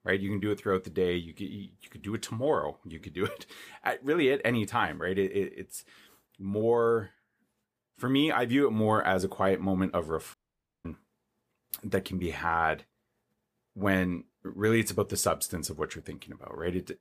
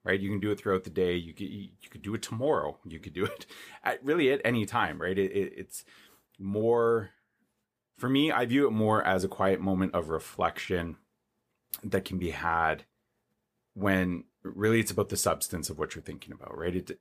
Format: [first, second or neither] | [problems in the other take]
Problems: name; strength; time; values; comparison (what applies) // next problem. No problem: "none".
second | audio cutting out; at 10 s for 0.5 s